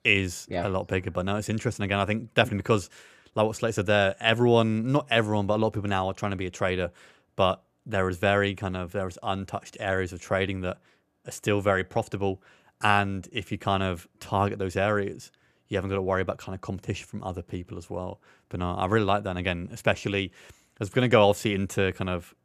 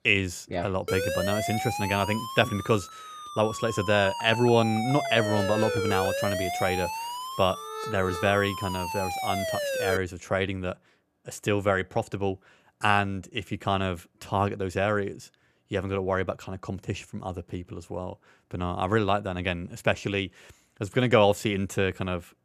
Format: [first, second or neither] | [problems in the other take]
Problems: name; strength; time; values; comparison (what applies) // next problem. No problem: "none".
first | siren; noticeable; from 1 to 10 s; peak 1 dB below the speech